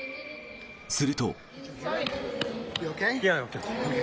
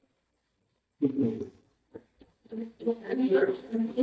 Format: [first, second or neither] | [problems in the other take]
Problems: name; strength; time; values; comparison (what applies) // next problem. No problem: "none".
first | noise reduction (neural mask model DeepFilterNet 3)